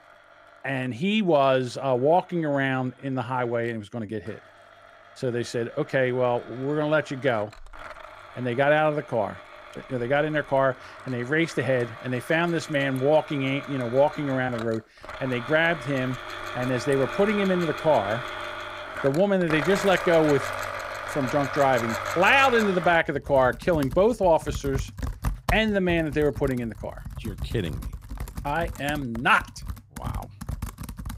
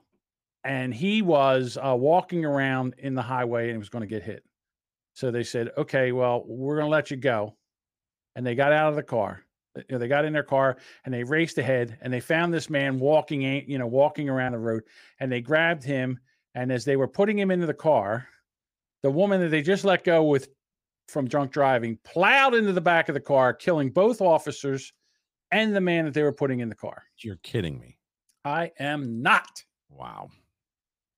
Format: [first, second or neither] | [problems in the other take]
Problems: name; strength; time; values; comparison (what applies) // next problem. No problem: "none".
second | household noises; noticeable; throughout; 10 dB below the speech